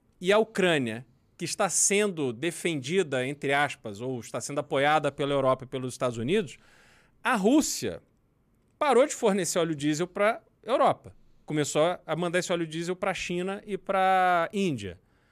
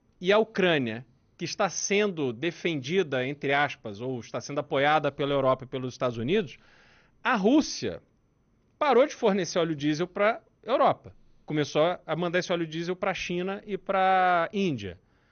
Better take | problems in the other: first | garbled, watery; slightly; nothing above 6.5 kHz

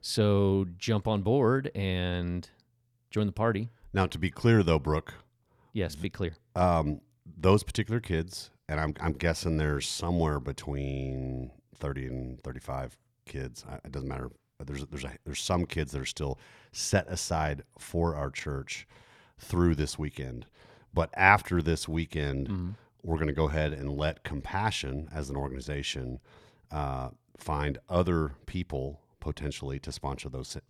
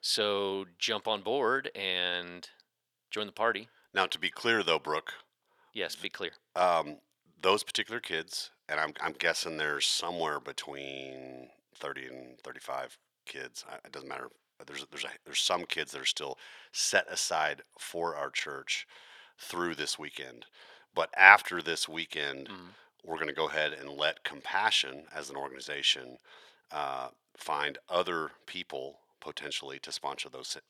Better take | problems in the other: first | thin; very; fading below 550 Hz

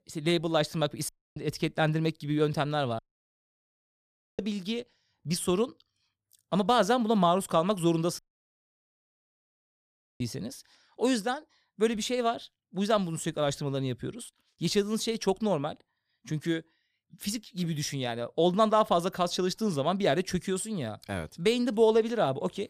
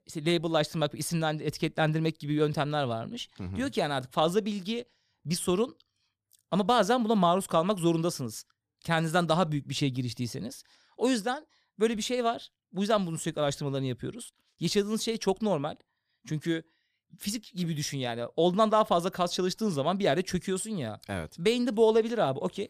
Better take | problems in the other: second | audio cutting out; at 1 s, at 3 s for 1.5 s and at 8 s for 2 s

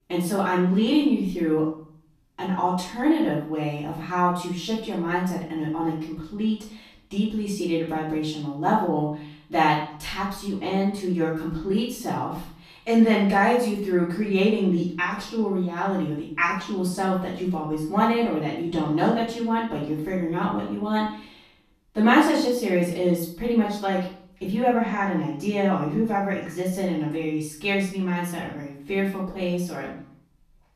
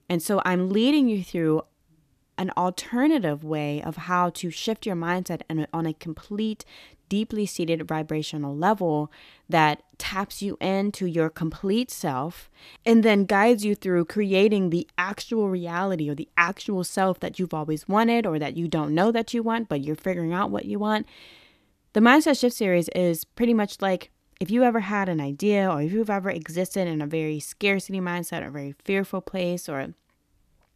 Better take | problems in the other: second | off-mic speech; far // room echo; noticeable; dies away in 0.5 s

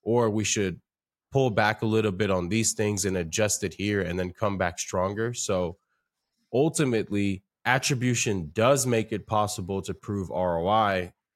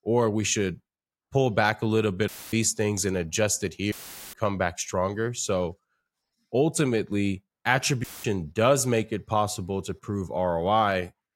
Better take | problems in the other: first | audio cutting out; filled with static; at 2.5 s, at 4 s and at 8 s

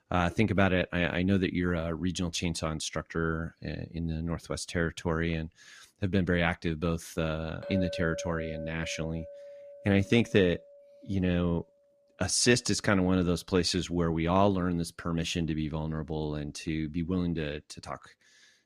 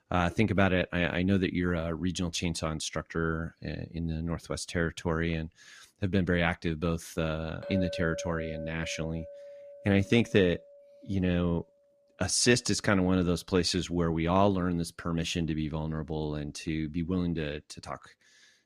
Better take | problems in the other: neither | clattering dishes; noticeable; from 7.5 to 11 s; peak 6 dB below the speech; the same in both

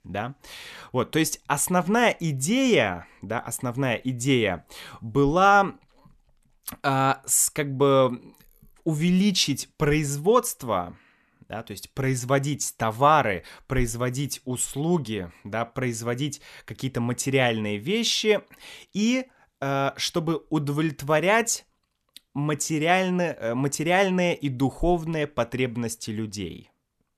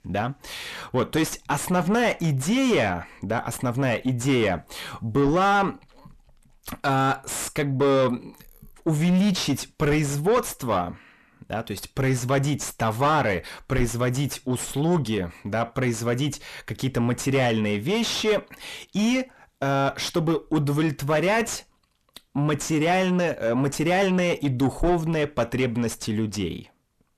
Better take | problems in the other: first | distortion; heavy; 7 dB below the speech

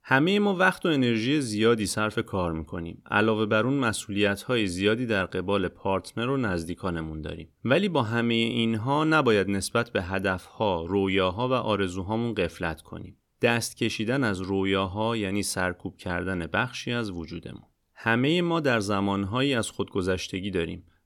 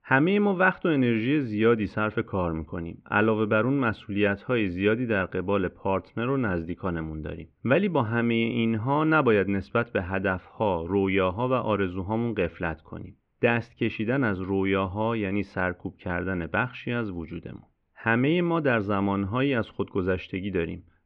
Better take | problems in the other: first | muffled; very; fading above 2.5 kHz

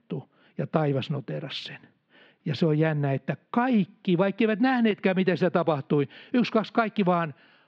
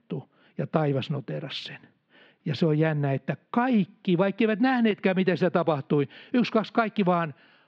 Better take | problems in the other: neither | muffled; slightly; fading above 3.5 kHz; the same in both

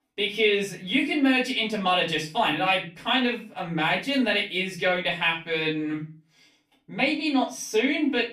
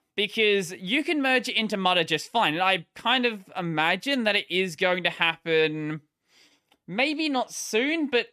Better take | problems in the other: second | room echo; slight; dies away in 0.3 s // off-mic speech; far

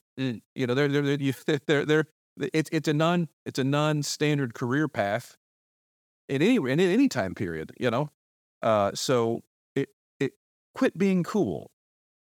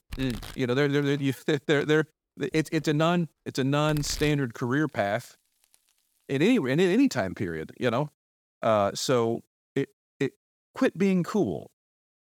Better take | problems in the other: first | household noises; noticeable; until 7 s; 20 dB below the speech

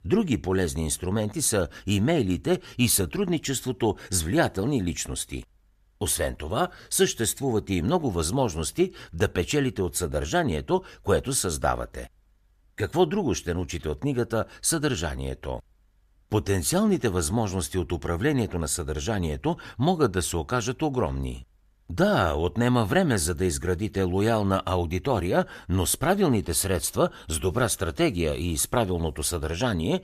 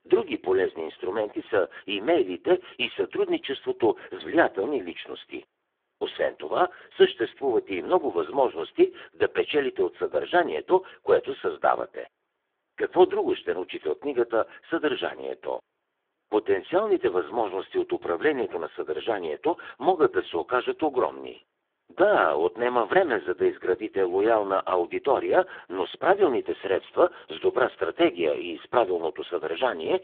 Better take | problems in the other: first | phone-call audio; poor line

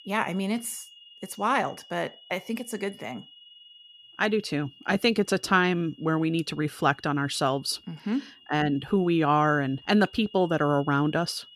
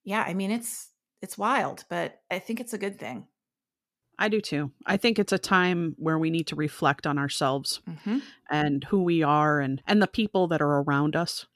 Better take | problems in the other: second | high-pitched whine; faint; throughout; 3 kHz, 25 dB below the speech

